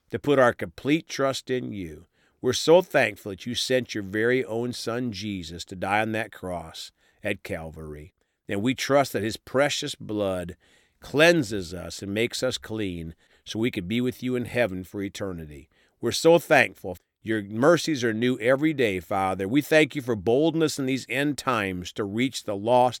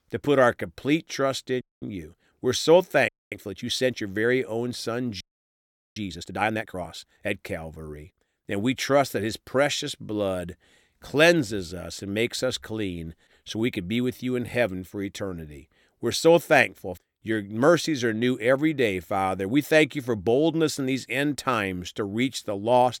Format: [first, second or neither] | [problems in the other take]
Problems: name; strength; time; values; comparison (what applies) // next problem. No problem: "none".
first | audio freezing; at 1.5 s, at 3 s and at 5 s for 1 s